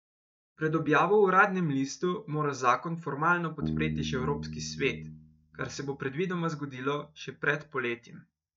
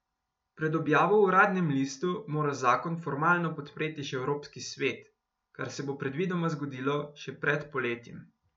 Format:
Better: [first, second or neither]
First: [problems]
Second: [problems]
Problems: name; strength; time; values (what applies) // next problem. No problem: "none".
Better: second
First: noise reduction (neural mask model DeepFilterNet 3)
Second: none